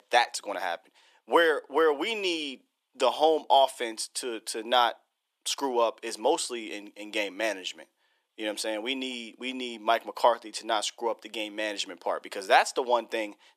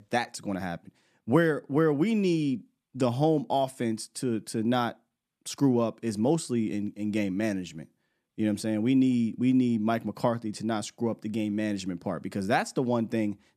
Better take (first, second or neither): second